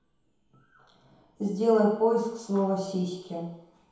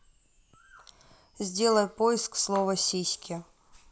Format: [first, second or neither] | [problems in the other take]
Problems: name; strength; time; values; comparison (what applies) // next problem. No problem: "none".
second | room echo; dies away in 2.2 s